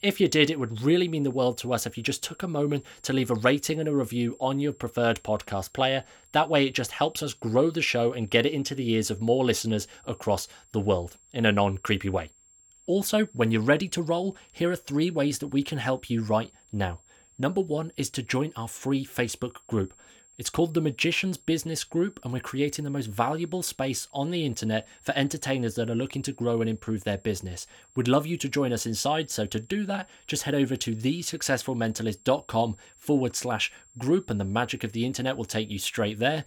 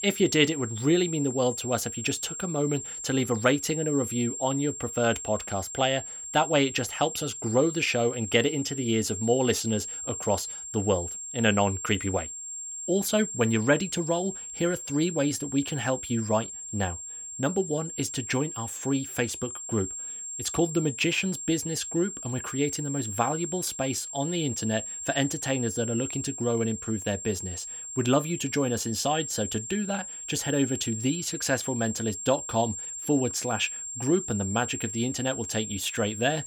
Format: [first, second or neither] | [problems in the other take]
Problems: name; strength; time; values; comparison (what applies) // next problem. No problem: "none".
first | high-pitched whine; loud; throughout; 7.5 kHz, 7 dB below the speech; faint in the first